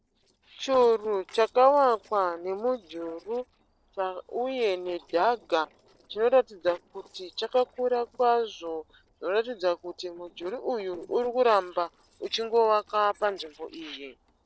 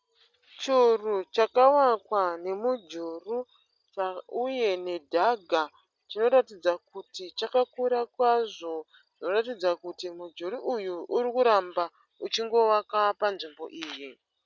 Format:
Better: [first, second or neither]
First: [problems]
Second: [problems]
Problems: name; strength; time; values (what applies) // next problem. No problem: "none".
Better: second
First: noise reduction (neural separator model SepFormer DNS4)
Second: none